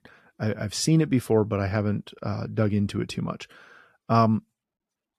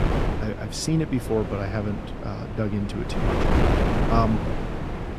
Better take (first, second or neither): first